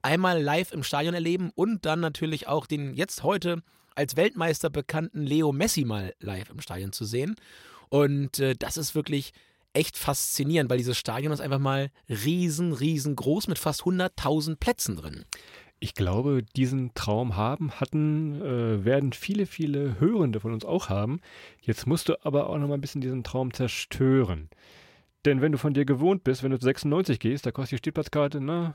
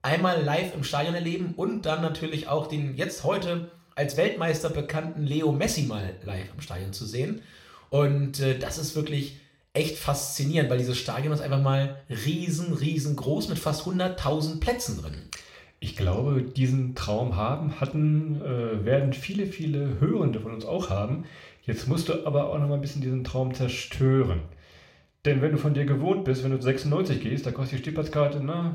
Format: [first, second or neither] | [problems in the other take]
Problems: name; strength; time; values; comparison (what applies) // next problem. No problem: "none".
first | room echo; slight; dies away in 0.4 s